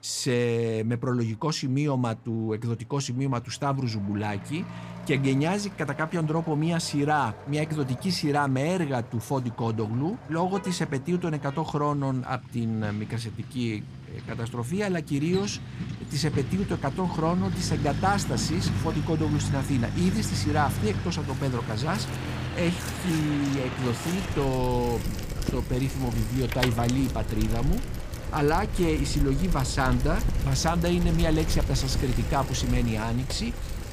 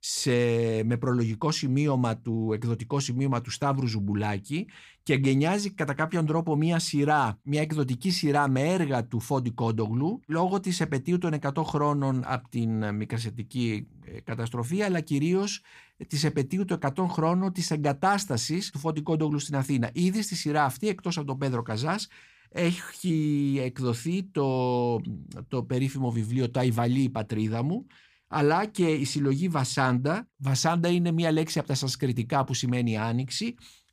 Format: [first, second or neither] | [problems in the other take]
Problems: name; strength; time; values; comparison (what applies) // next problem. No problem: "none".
second | traffic noise; loud; throughout; 5 dB below the speech